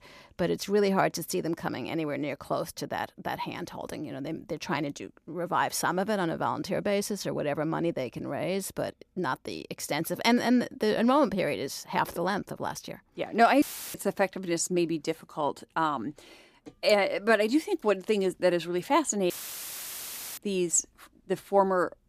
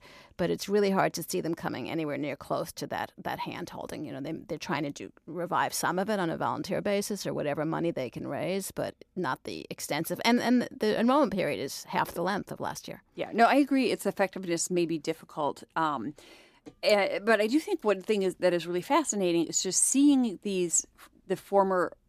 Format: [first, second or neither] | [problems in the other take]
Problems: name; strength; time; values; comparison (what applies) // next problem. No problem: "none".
second | audio cutting out; filled with static; at 14 s and at 19 s for 1 s